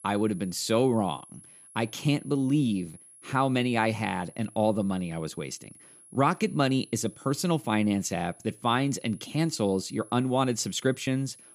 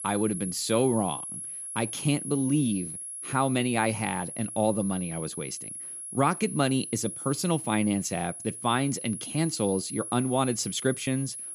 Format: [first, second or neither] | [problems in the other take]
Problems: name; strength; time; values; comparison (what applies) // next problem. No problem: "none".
first | high-pitched whine; loud; throughout; 10.5 kHz, 7 dB below the speech; faint in the first